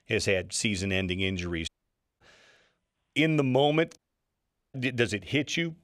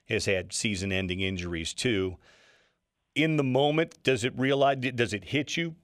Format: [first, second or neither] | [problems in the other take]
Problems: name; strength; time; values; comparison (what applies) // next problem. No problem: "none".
second | audio cutting out; at 1.5 s for 0.5 s and at 4 s for 1 s